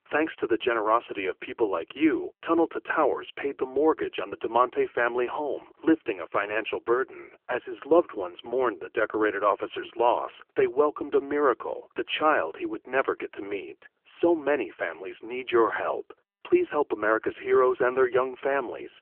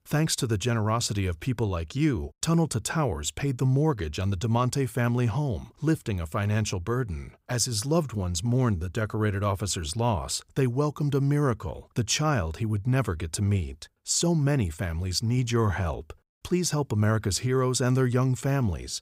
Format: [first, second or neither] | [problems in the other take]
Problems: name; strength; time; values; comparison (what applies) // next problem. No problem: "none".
second | phone-call audio; poor line; nothing above 3 kHz